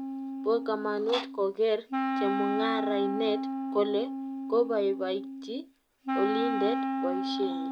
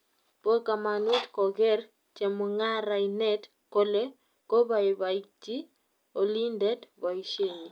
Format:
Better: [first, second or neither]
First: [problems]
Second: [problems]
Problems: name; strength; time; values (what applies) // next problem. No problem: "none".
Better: second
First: background sound (Wind instrument, woodwind instrument); 2 dB below the speech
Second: none